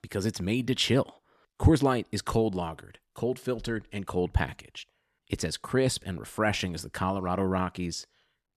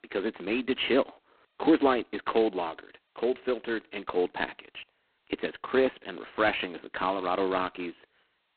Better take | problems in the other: first | phone-call audio; poor line; nothing above 4 kHz

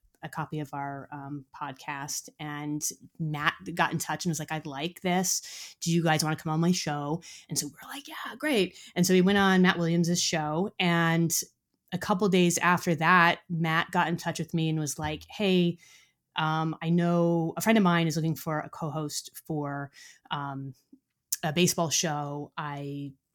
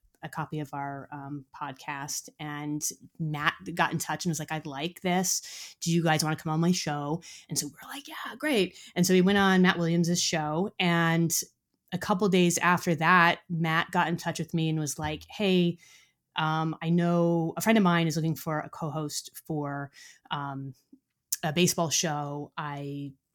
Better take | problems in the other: neither | none

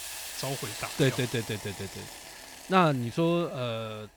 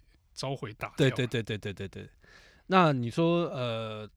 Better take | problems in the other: second | hiss; noticeable; throughout; 10 dB below the speech

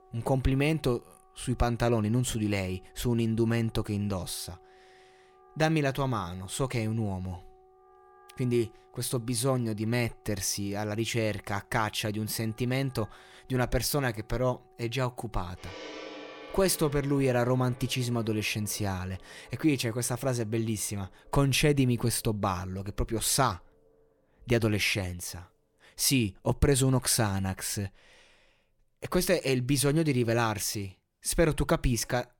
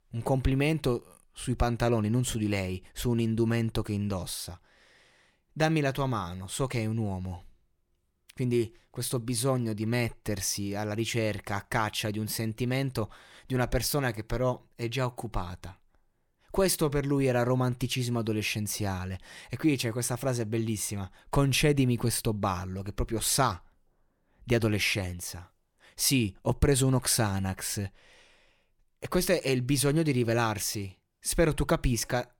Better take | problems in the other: second | background music; faint; throughout; 25 dB below the speech

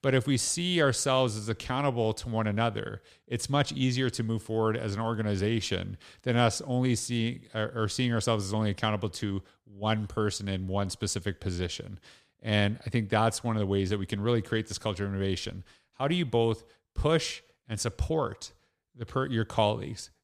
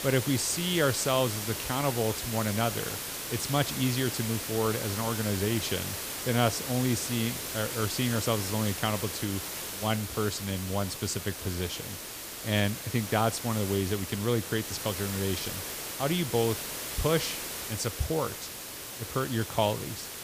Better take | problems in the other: first | hiss; loud; throughout; 4 dB below the speech

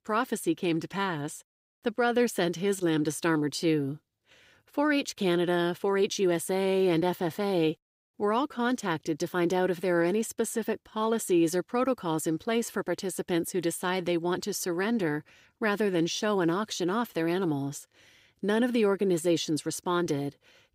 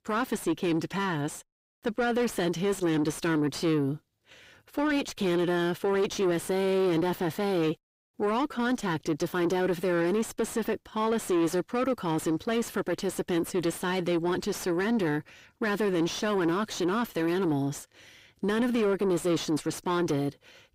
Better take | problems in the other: first | distortion; slight; 10 dB below the speech

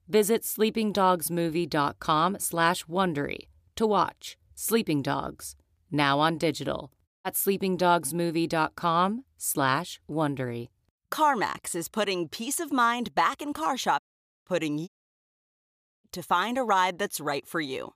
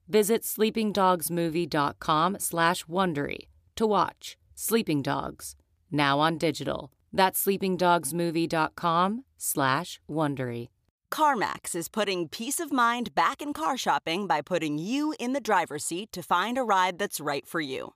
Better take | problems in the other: second | audio cutting out; at 7 s, at 14 s and at 15 s for 1 s

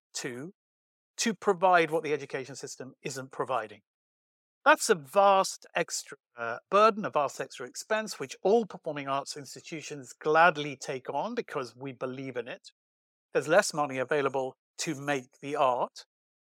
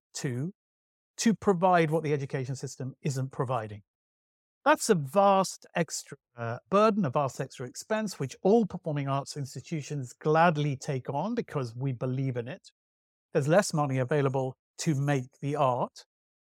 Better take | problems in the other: second | thin; somewhat; fading below 350 Hz

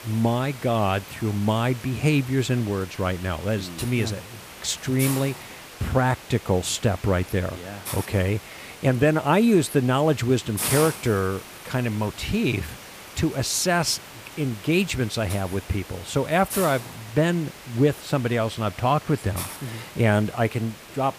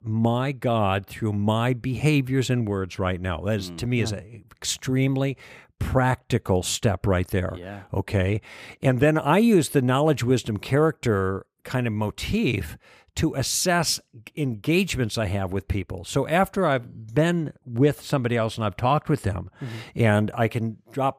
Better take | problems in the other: second | hiss; noticeable; throughout; 10 dB below the speech

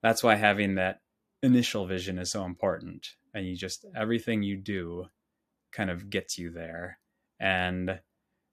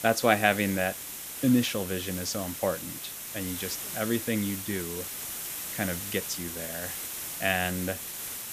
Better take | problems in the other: first | hiss; loud; throughout; 5 dB below the speech

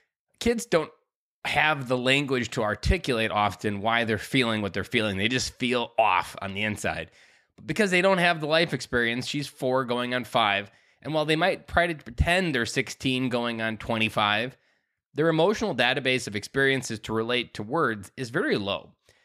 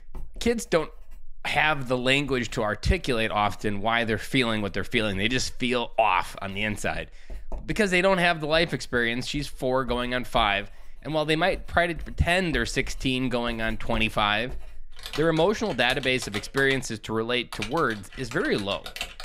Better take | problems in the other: first | household noises; noticeable; throughout; 15 dB below the speech

